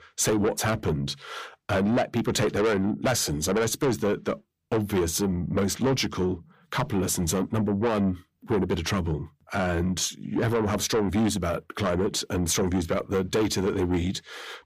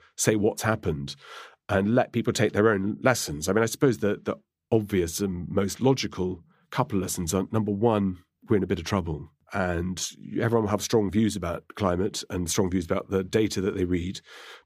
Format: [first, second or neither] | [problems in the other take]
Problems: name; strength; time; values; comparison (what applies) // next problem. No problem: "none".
second | distortion; heavy; 6 dB below the speech